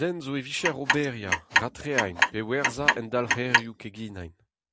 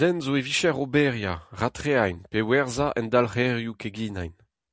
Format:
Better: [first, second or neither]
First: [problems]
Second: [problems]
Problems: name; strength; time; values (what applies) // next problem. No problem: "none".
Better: second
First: background sound (Clock); 4 dB above the speech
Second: none